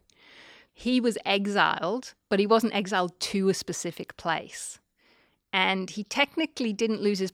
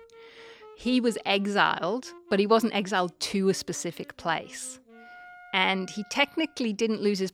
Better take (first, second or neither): first